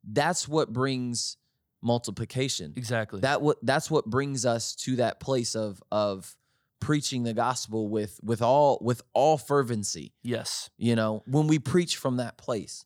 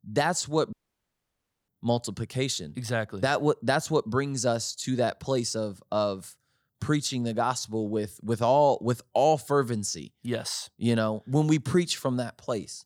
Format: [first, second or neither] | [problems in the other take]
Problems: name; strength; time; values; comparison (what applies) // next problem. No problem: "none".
first | audio cutting out; at 0.5 s for 1 s